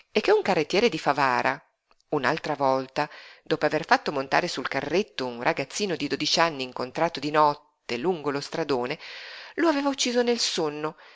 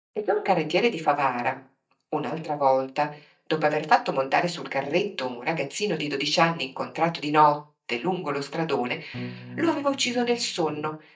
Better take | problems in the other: first | noise reduction (neural mask model DeepFilterNet 3)

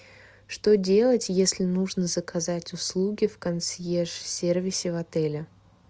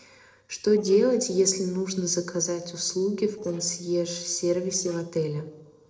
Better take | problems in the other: first | noise reduction (neural separator model SepFormer DNS4)

